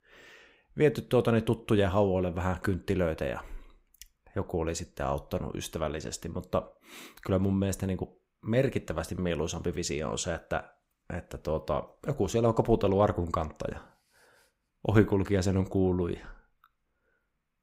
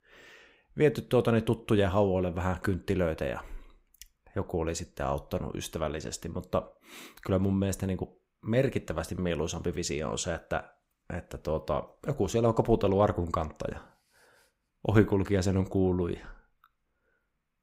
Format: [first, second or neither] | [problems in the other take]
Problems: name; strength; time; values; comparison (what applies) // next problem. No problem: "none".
neither | none